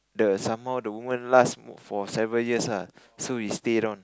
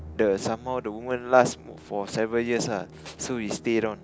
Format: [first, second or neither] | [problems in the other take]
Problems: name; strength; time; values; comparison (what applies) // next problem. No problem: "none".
first | background sound (Musical instrument + Tools); 19 dB below the speech